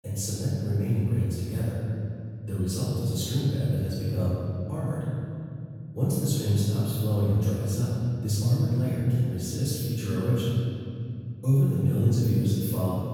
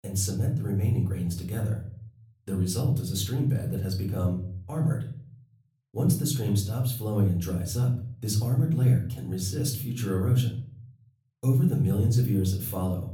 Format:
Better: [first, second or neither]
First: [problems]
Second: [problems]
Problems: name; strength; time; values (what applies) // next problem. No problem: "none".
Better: second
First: room echo; strong; dies away in 2.5 s // off-mic speech; far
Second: room echo; slight; dies away in 0.5 s // off-mic speech; far